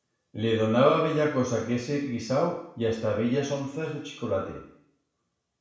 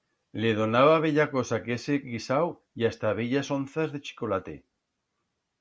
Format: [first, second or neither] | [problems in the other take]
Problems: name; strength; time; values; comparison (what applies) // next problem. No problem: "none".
second | room echo; dies away in 0.6 s